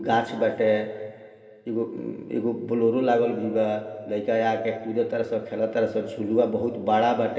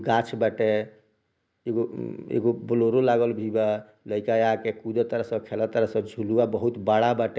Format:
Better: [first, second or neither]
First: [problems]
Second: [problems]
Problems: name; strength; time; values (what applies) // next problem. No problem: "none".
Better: second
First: room echo; dies away in 2 s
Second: none